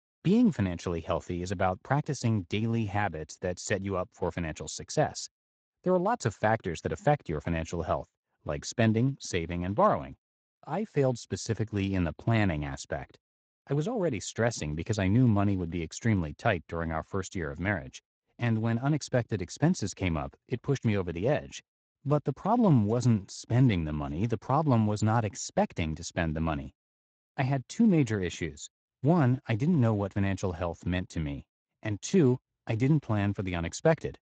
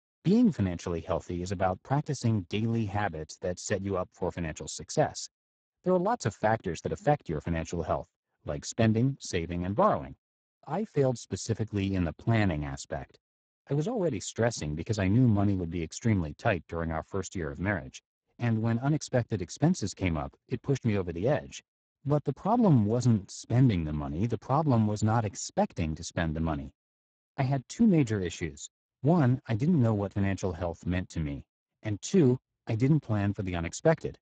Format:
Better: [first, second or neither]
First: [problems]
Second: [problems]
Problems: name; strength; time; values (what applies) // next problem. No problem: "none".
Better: first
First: garbled, watery; slightly; nothing above 7.5 kHz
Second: garbled, watery; badly; nothing above 7.5 kHz